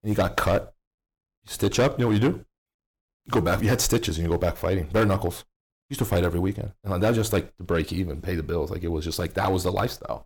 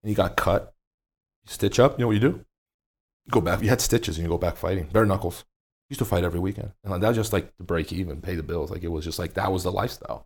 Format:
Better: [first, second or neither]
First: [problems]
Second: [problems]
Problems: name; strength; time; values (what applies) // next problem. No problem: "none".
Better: second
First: distortion; slight; 4% of the sound clipped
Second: none